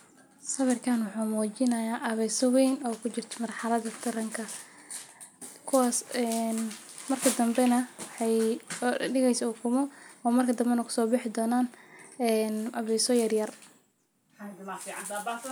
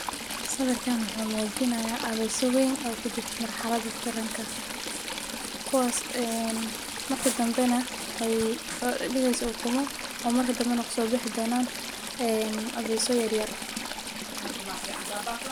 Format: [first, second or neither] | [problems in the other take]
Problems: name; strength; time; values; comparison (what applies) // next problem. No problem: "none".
first | background sound (Stream / Trickle, dribble); 6 dB below the speech